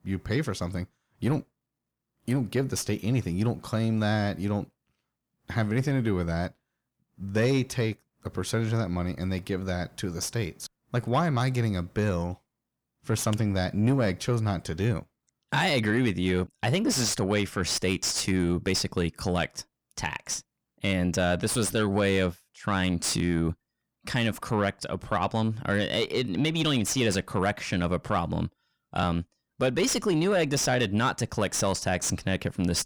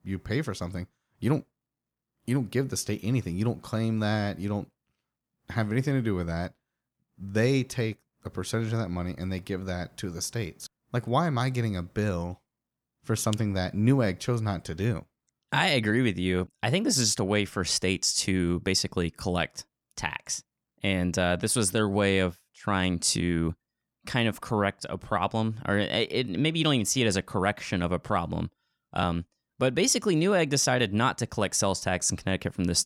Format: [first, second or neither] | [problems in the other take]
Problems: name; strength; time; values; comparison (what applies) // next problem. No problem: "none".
second | distortion; slight; 10 dB below the speech